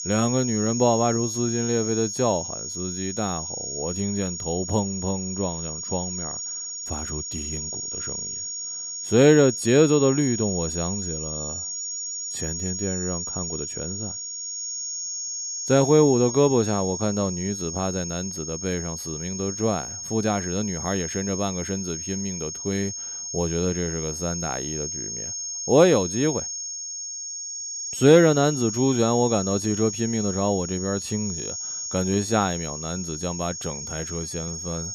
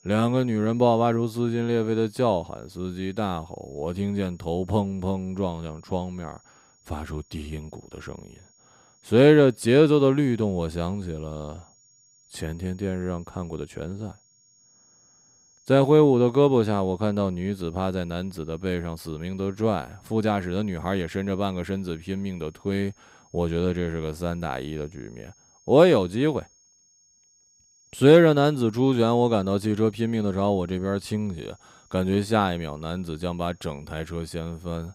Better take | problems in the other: second | high-pitched whine; loud; throughout; 6.5 kHz, 5 dB below the speech; faint in the second

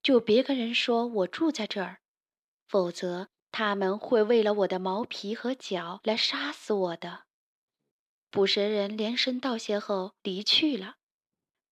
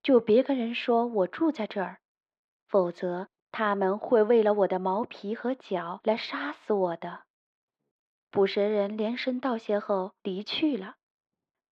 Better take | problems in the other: first | muffled; very; fading above 3.5 kHz

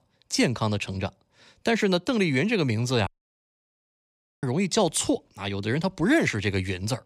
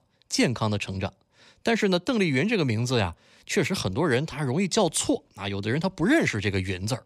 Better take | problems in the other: second | audio cutting out; at 3 s for 1.5 s

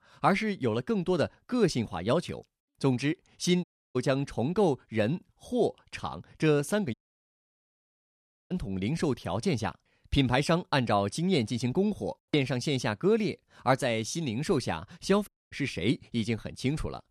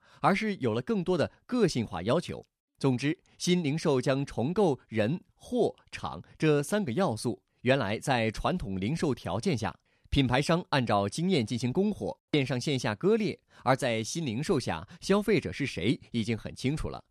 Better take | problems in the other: second | audio cutting out; at 3.5 s, at 7 s for 1.5 s and at 15 s

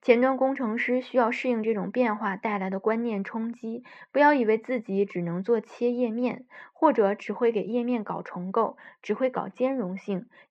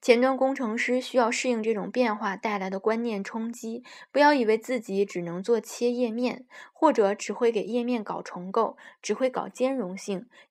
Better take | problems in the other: second | muffled; very; fading above 2 kHz

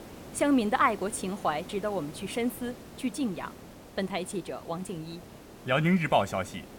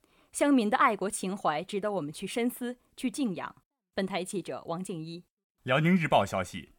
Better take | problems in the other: second | hiss; noticeable; throughout; 15 dB below the speech

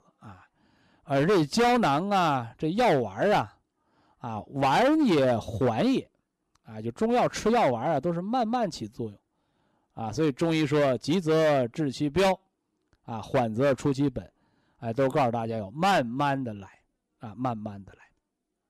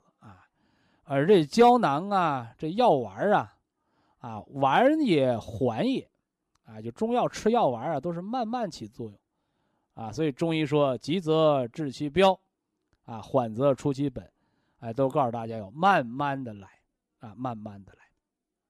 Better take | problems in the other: second | distortion; heavy; 9% of the sound clipped

